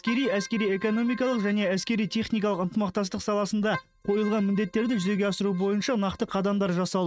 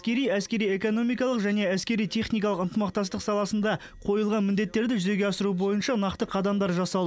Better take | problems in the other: second | noise reduction (neural mask model RNNoise)

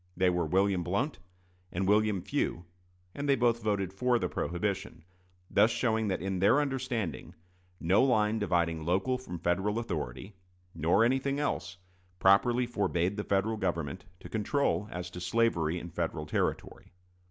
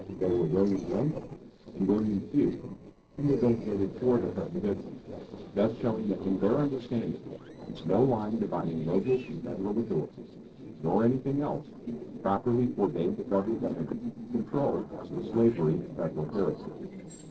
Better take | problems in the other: first | noise reduction (neural separator model SepFormer DNS4)

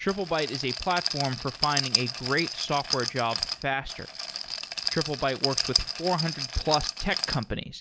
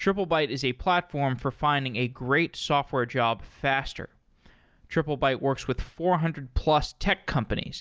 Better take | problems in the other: second | background sound (Rattle); 2 dB below the speech

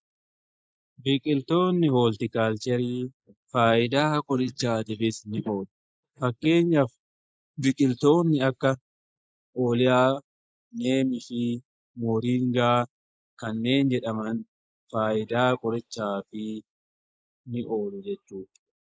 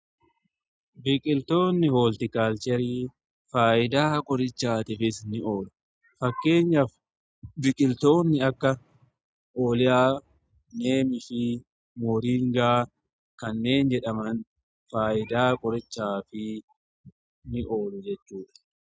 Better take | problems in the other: second | noise reduction (neural mask model Resemble Enhance denoiser)

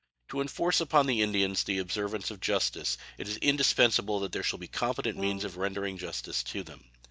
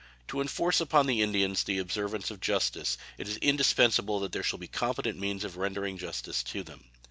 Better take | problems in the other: second | noise reduction (neural mask model DeepFilterNet 3)

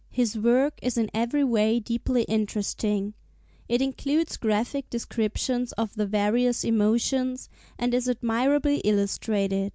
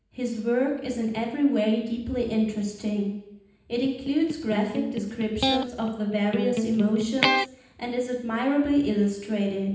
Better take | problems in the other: first | background sound (Electric guitar); 2 dB below the speech // room echo; dies away in 0.9 s

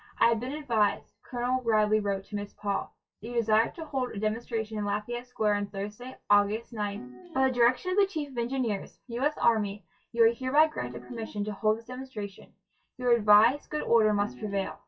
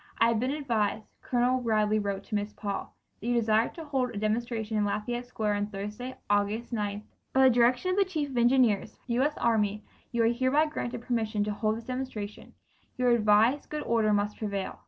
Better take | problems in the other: second | noise reduction (classical method WPE with log-MMSE)

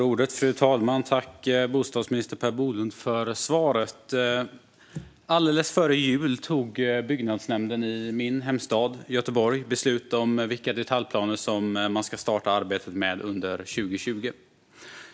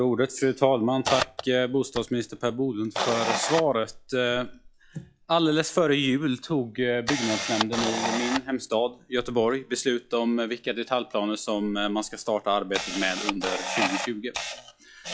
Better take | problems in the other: first | noise reduction (classical method log-MMSE)

